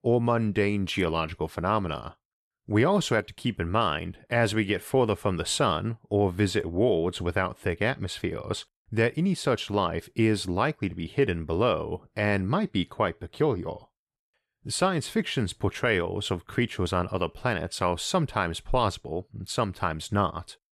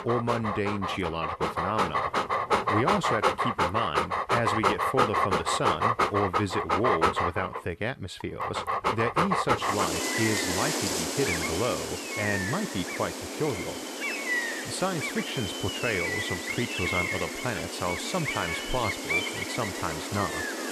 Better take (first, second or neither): first